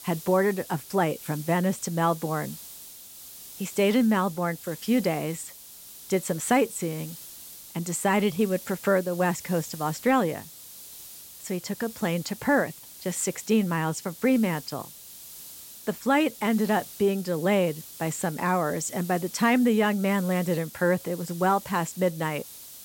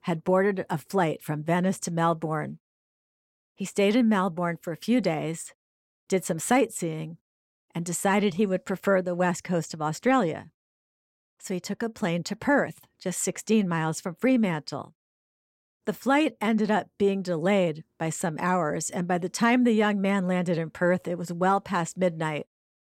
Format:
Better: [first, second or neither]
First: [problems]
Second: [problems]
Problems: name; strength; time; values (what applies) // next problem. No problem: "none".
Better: second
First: hiss; noticeable; throughout; 15 dB below the speech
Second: none